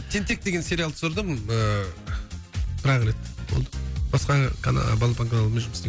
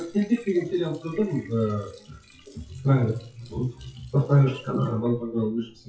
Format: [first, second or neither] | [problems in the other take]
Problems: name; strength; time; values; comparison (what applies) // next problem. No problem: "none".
first | noise reduction (classical method WPE with log-MMSE)